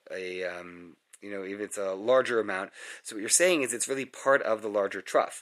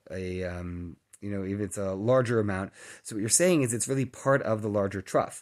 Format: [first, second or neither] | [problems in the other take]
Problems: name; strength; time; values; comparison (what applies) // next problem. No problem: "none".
second | thin; somewhat; fading below 450 Hz